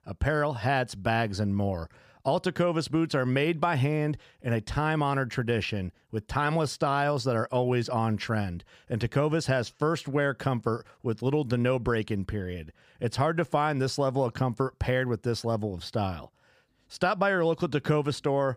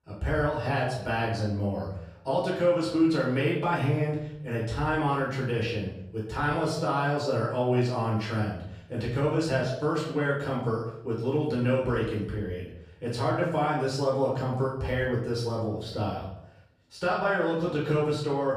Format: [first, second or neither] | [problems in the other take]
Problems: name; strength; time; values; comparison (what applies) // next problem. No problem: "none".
first | off-mic speech; far // room echo; noticeable; dies away in 0.6 s